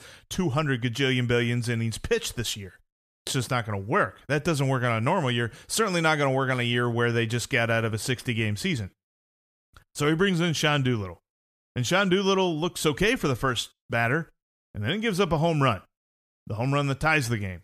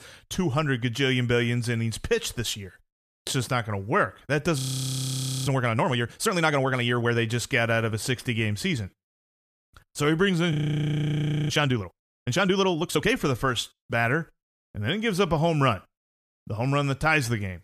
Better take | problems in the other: first | audio freezing; at 4.5 s for 1 s and at 11 s for 1 s

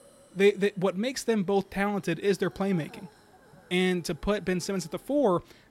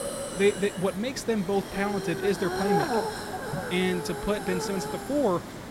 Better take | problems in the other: first | hiss; loud; throughout; 4 dB below the speech; faint in the first

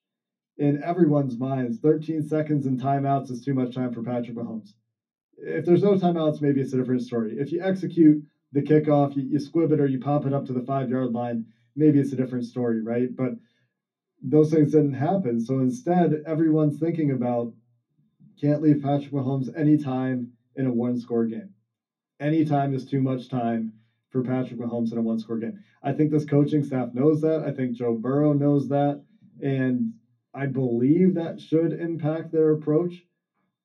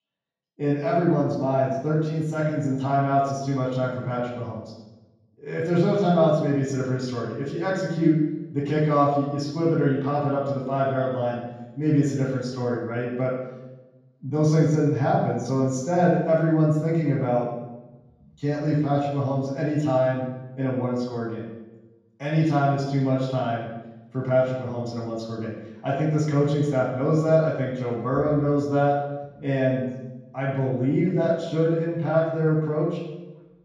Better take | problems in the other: first | room echo; strong; dies away in 1.3 s; slight in the first // off-mic speech; far; far in the first

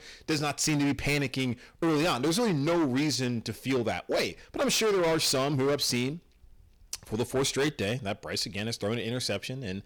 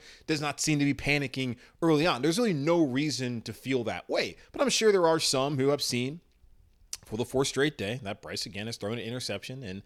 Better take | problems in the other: second | distortion; heavy; 15% of the sound clipped

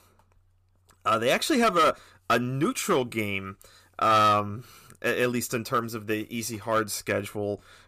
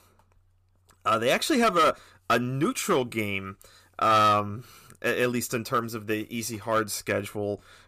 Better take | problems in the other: neither | distortion; slight; 4% of the sound clipped; the same in both

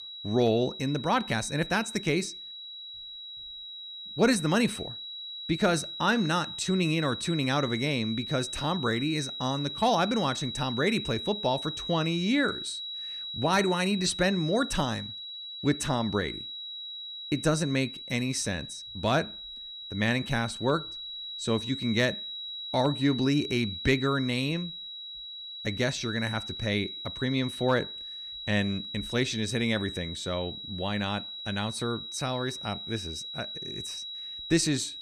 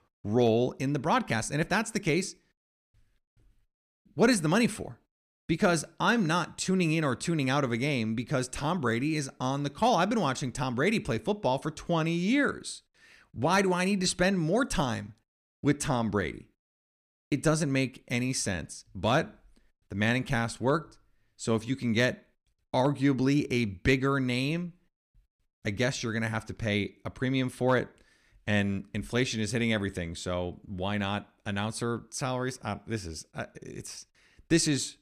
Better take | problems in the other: second | high-pitched whine; loud; throughout; 4 kHz, 8 dB below the speech

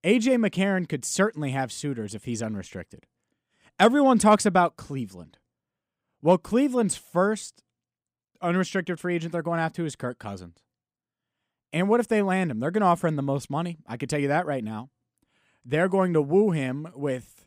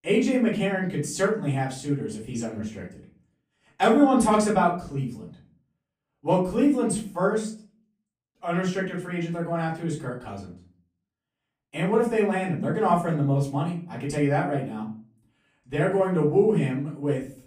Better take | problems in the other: first | off-mic speech; far // room echo; slight; dies away in 0.4 s

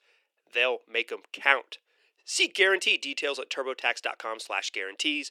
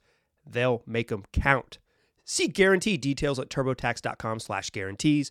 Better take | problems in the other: second | thin; very; fading below 350 Hz

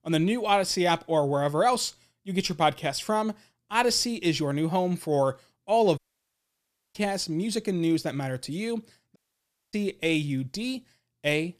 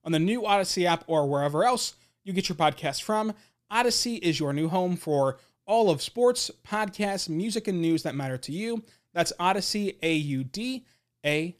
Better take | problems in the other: second | audio cutting out; at 6 s for 1 s and at 9 s for 0.5 s

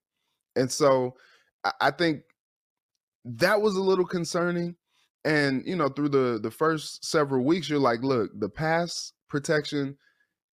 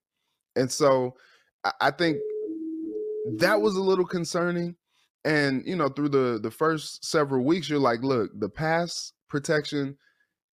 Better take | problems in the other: first | siren; noticeable; from 2 to 3.5 s; peak 6 dB below the speech

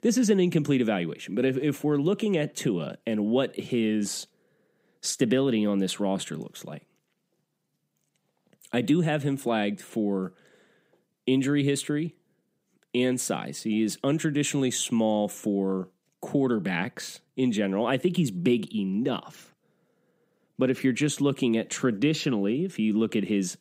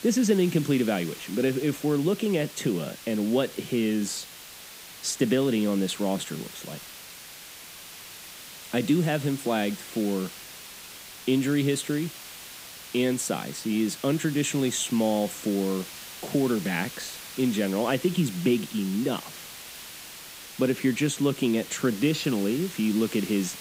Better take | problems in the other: first | hiss; noticeable; throughout; 15 dB below the speech

